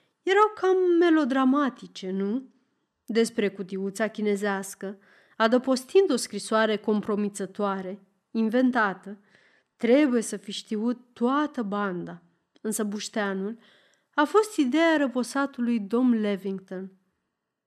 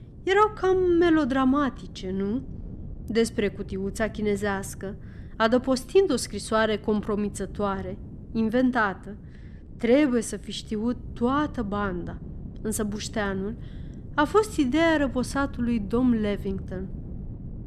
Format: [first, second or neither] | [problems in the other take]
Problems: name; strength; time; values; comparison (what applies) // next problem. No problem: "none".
first | wind noise on the microphone; occasional gusts; 25 dB below the speech